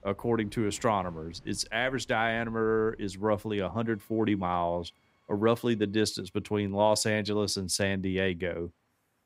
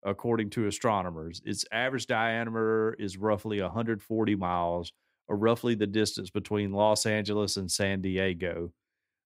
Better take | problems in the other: second | train or aircraft noise; faint; throughout; 30 dB below the speech

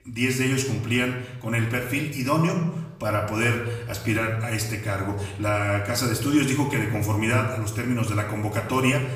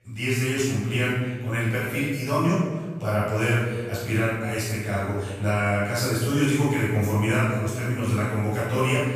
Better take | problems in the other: first | room echo; strong; dies away in 1.4 s; slight in the first // off-mic speech; far; far in the first

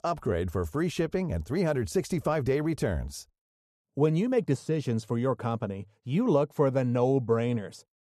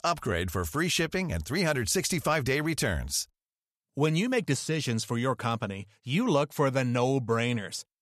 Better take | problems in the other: second | muffled; slightly; fading above 1.5 kHz

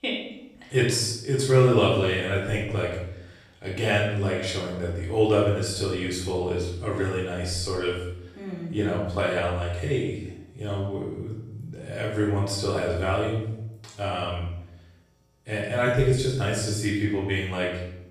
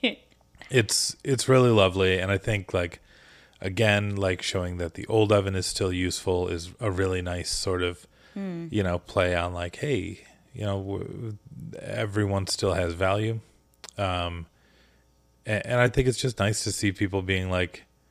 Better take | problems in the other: second | off-mic speech; far // room echo; noticeable; dies away in 0.7 s

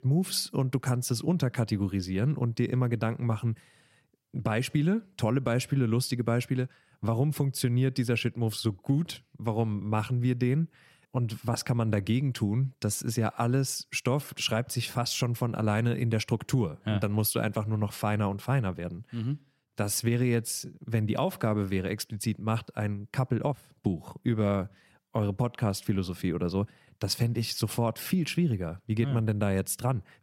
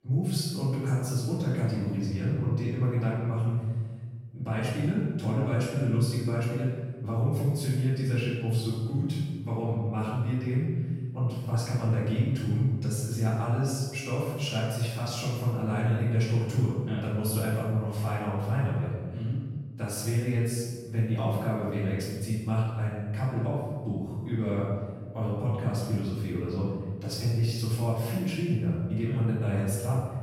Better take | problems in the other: first | off-mic speech; far // room echo; strong; dies away in 1.5 s

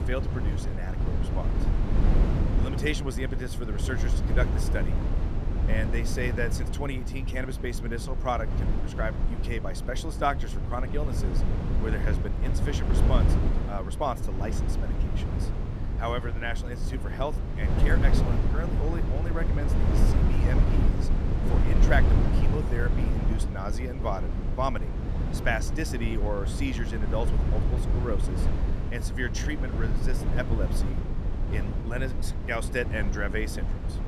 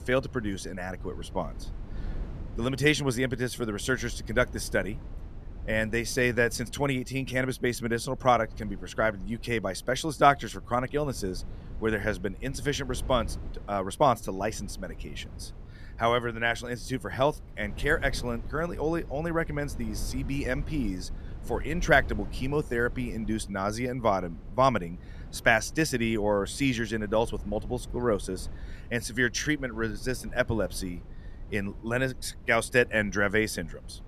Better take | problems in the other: second | low rumble; loud; throughout; 5 dB below the speech; faint in the second

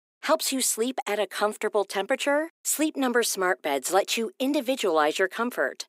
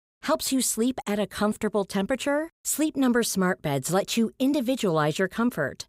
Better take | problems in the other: second | thin; somewhat; fading below 300 Hz

